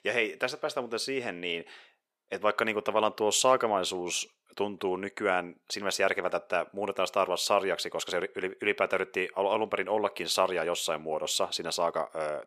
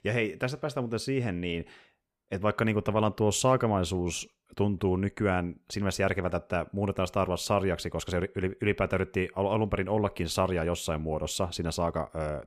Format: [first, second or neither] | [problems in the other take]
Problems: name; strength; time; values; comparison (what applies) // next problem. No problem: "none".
second | thin; somewhat; fading below 450 Hz